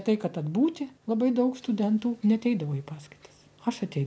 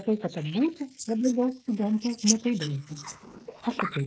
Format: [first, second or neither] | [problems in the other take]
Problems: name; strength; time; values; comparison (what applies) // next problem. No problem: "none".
first | noise reduction (neural mask model Resemble Enhance denoiser)